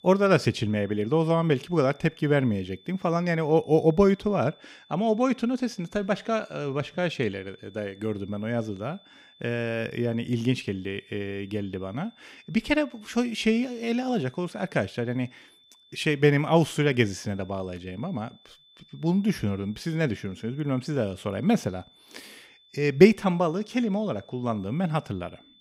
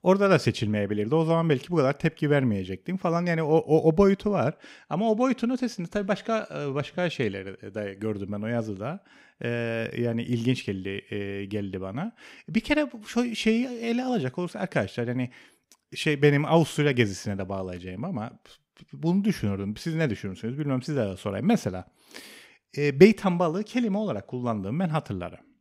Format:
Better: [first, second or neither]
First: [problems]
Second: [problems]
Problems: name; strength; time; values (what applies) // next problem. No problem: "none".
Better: second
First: high-pitched whine; faint; throughout; 3.5 kHz, 30 dB below the speech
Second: none